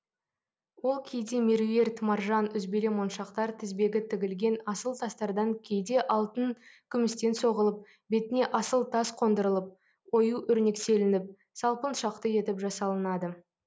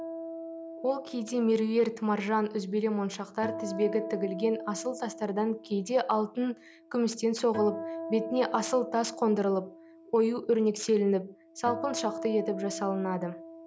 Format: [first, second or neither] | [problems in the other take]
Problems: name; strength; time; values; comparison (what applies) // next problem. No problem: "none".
first | background sound (Acoustic guitar); 12 dB below the speech